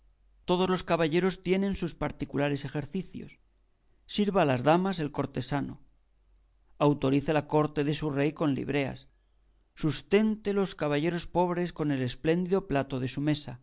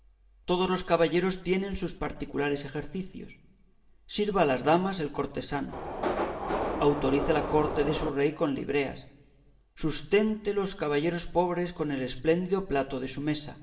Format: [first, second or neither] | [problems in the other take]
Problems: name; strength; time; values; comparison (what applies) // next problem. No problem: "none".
first | background sound (Subway, metro, underground); 3 dB below the speech // room echo; dies away in 0.8 s